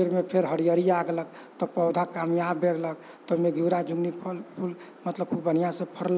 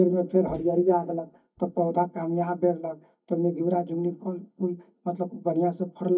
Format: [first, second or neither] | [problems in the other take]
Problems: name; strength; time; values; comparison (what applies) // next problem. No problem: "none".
first | noise reduction (neural mask model DeepFilterNet 3)